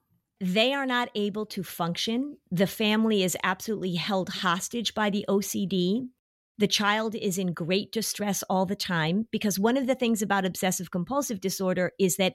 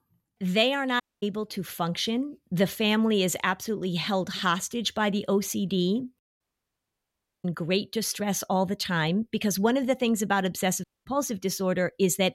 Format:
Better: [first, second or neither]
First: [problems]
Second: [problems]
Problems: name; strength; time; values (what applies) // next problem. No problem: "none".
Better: first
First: none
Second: audio cutting out; at 1 s, at 6.5 s for 1 s and at 11 s